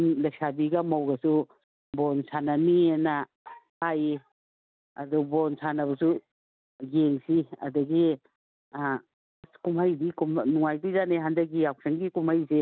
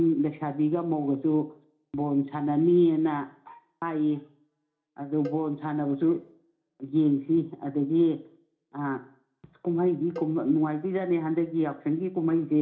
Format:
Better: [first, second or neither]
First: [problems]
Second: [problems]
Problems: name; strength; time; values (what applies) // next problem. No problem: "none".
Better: first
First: none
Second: background sound (Cowbell); 19 dB below the speech // room echo; dies away in 0.4 s